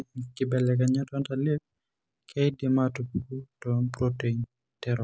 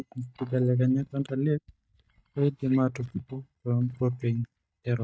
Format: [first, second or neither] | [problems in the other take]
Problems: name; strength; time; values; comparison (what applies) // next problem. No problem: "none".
first | noise reduction (neural mask model DeepFilterNet 3)